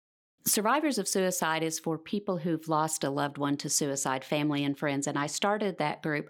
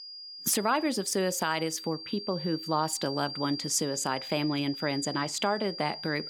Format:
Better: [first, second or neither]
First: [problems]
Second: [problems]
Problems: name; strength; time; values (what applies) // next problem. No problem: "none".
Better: first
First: none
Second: high-pitched whine; loud; throughout; 4.5 kHz, 9 dB below the speech